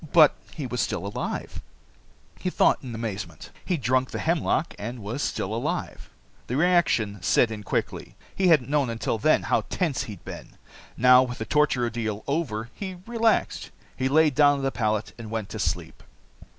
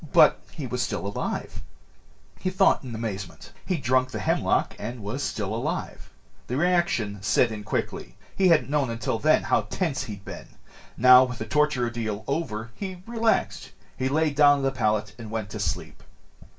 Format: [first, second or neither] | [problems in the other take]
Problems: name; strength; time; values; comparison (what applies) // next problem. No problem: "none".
first | room echo; dies away in 0.2 s